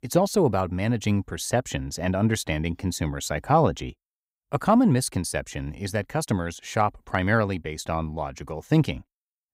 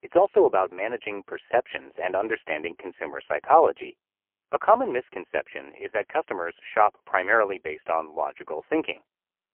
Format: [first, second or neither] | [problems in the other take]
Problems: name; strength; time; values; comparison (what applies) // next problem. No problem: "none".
first | phone-call audio; poor line; nothing above 3 kHz